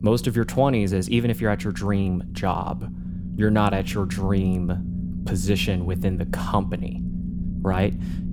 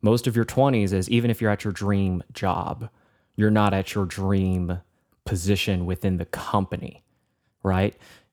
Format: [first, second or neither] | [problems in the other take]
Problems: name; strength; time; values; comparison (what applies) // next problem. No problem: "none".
second | low rumble; noticeable; throughout; 15 dB below the speech